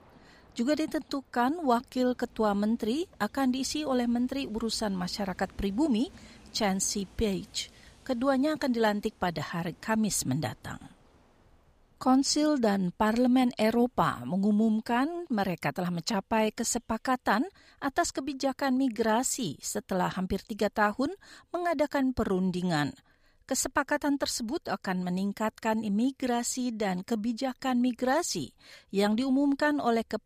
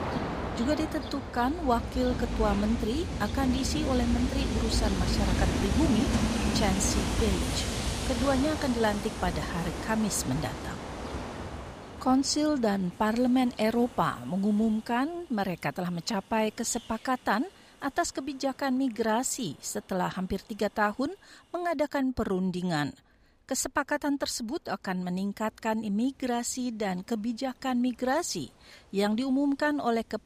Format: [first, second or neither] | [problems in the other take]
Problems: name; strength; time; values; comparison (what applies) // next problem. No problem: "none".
first | train or aircraft noise; loud; throughout; 2 dB below the speech; faint in the first